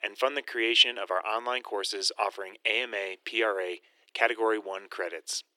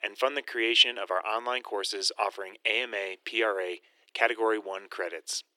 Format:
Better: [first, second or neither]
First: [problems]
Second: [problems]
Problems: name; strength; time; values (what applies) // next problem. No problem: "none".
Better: neither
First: thin; very; fading below 350 Hz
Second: thin; very; fading below 350 Hz